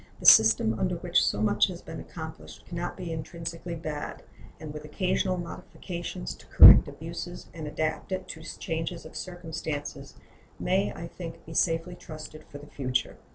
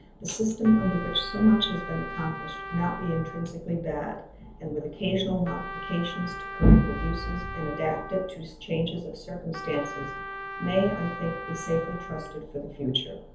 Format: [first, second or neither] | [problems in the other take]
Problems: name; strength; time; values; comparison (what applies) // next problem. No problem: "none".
first | background sound (Trumpet); 11 dB below the speech // room echo; dies away in 0.7 s